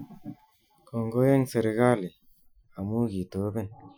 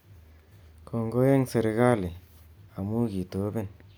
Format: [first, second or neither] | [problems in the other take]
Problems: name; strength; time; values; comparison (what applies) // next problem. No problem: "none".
second | noise reduction (classical method Wiener filter)